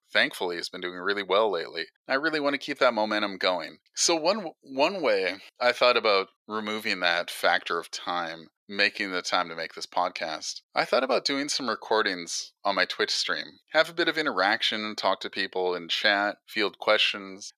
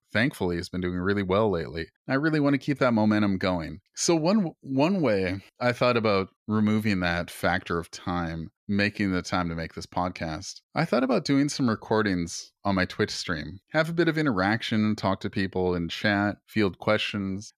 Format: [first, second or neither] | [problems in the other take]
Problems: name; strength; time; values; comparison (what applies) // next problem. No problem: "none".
second | thin; somewhat; fading below 550 Hz